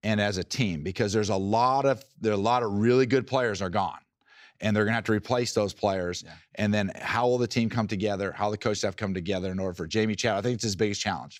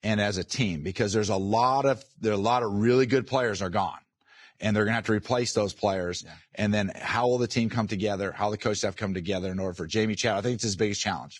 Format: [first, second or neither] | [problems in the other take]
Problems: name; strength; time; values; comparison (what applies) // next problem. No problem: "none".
first | garbled, watery; badly